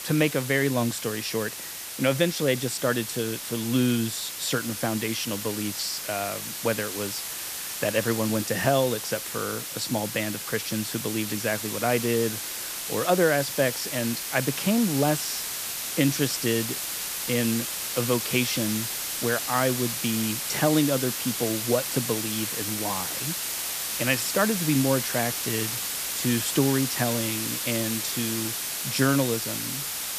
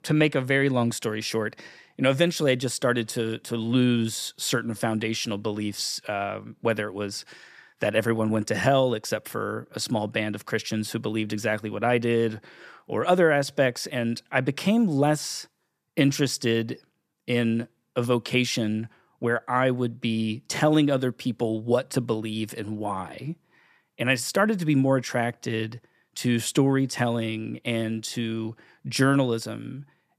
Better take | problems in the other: second | hiss; loud; throughout; 2 dB below the speech

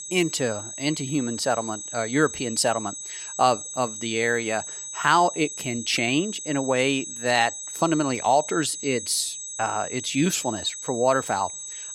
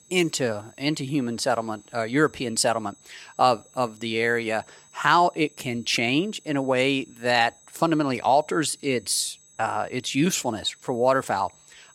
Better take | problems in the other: second | high-pitched whine; loud; throughout; 8 kHz, 8 dB below the speech; faint in the second

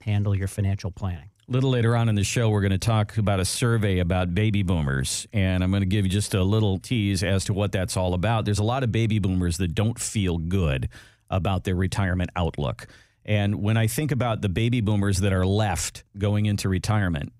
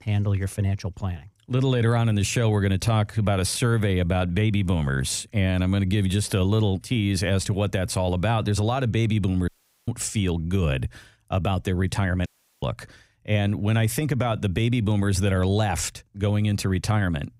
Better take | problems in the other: first | audio cutting out; at 9.5 s and at 12 s

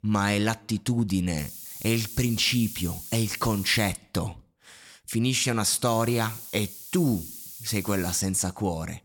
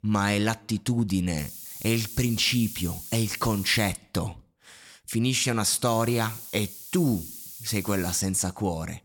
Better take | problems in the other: neither | hiss; noticeable; from 1.5 to 4 s and from 6 to 8 s; 10 dB below the speech; the same in both

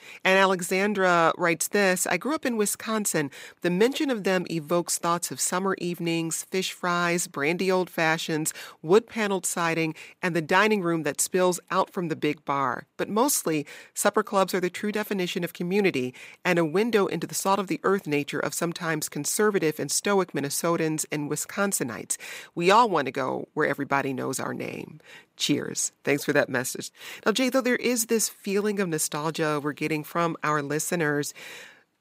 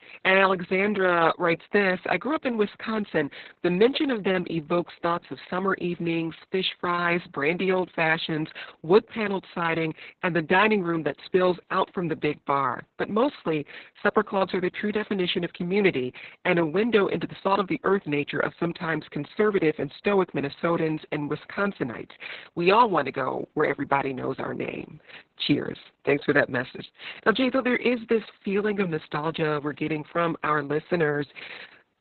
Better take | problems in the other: first | garbled, watery; badly; nothing above 4 kHz

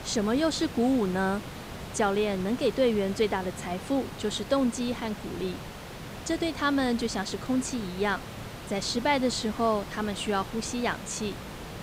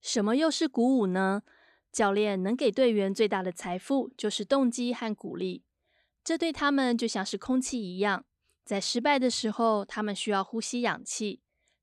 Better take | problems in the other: second | hiss; noticeable; throughout; 10 dB below the speech

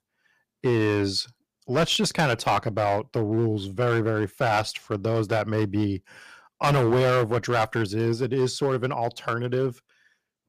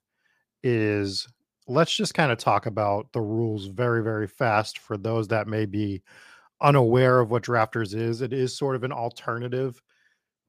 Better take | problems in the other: second | distortion; heavy; 7% of the sound clipped

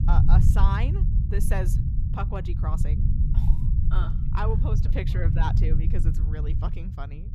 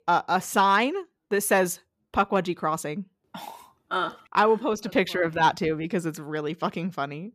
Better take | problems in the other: second | low rumble; loud; throughout; 4 dB below the speech

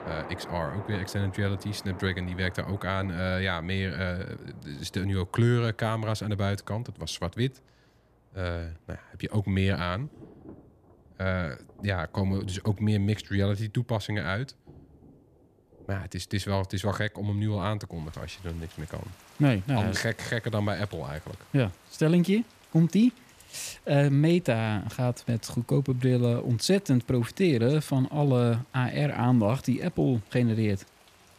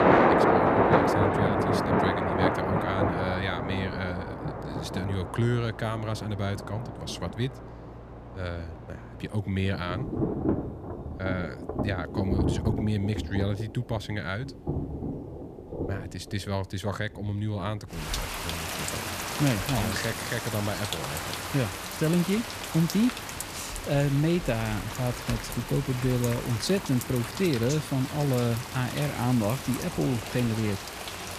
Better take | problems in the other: first | rain or running water; loud; throughout; as loud as the speech; faint in the first

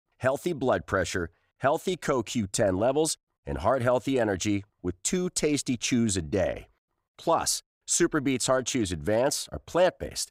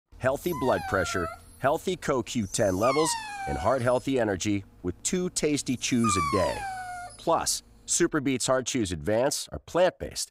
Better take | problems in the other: first | dog barking; noticeable; until 7 s; peak level with the speech

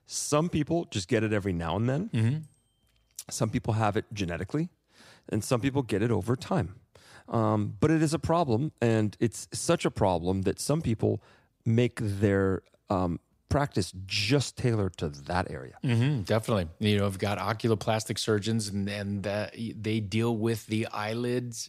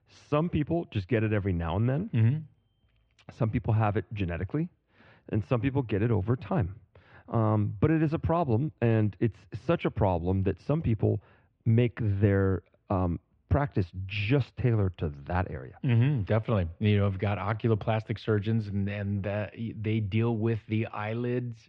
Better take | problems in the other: first | muffled; very; fading above 2.5 kHz

